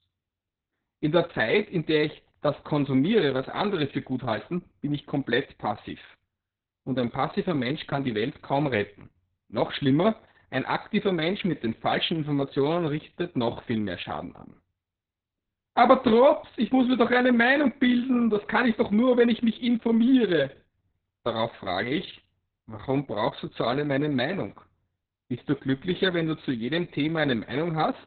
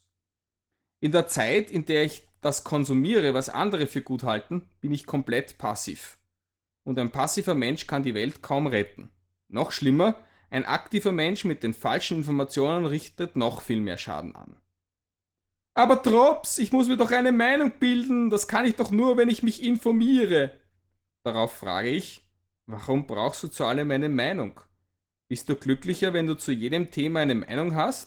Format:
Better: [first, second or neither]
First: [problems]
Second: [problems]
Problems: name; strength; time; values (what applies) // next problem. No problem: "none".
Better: second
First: garbled, watery; badly; nothing above 4 kHz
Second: garbled, watery; slightly; nothing above 19 kHz